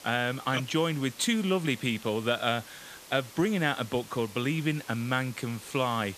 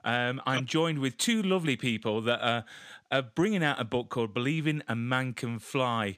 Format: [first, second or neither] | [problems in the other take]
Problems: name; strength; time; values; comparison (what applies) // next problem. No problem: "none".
second | hiss; noticeable; throughout; 15 dB below the speech